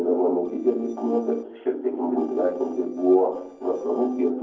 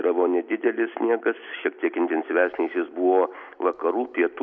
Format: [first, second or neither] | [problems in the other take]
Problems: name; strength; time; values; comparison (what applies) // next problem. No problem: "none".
second | noise reduction (neural separator model SepFormer DNS4)